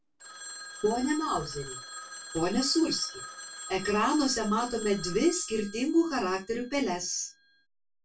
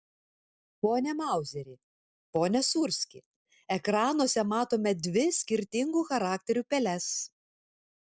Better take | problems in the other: second | background sound (Telephone); 13 dB below the speech // room echo; dies away in 0.1 s

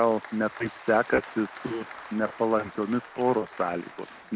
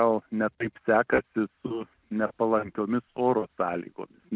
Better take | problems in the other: second | background sound (Applause); 16 dB below the speech

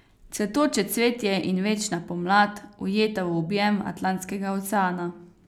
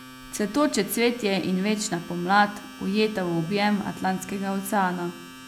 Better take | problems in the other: first | background sound (Domestic sounds, home sounds); 17 dB below the speech

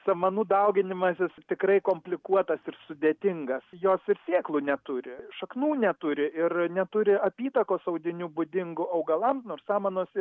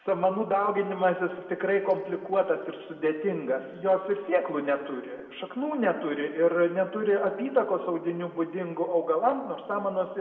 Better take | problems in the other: first | room echo; dies away in 1.7 s

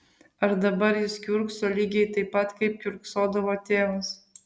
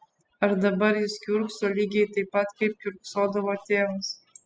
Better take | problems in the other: first | noise reduction (classical method spectral subtraction)

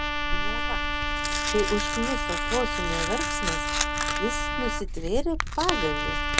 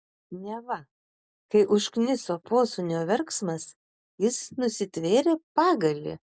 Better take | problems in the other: second | background sound (Tearing + Trumpet); 5 dB above the speech

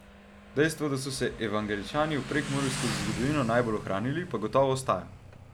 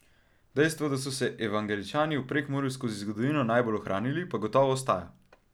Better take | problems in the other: second | background sound (Motorcycle); 10 dB below the speech

